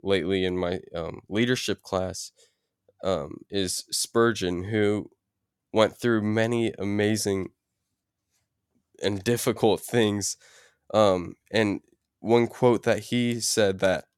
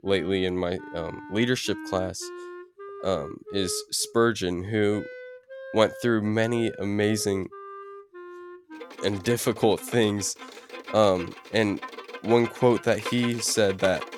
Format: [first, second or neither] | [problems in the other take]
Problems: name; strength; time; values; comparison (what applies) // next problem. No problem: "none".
first | background music; noticeable; throughout; 15 dB below the speech